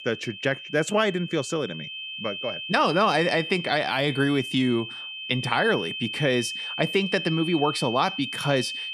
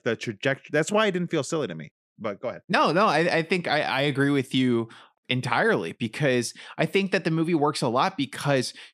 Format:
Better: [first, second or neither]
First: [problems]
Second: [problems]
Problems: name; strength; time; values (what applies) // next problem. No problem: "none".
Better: second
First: high-pitched whine; loud; throughout; 3 kHz, 7 dB below the speech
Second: none